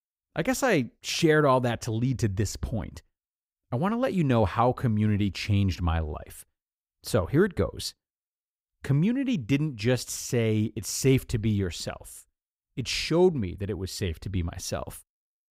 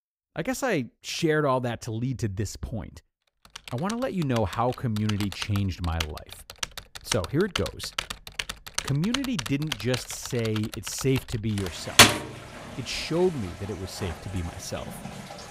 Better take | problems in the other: first | household noises; very loud; from 3.5 s on; 2 dB above the speech

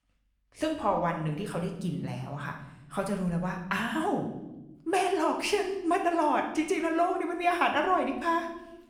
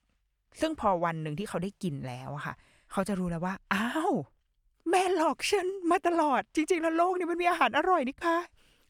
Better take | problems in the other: second | room echo; slight; dies away in 0.9 s

